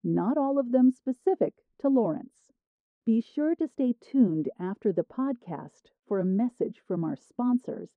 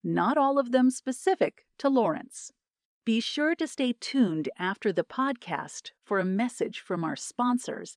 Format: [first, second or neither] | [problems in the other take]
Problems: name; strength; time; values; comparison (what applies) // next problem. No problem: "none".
second | muffled; very; fading above 1 kHz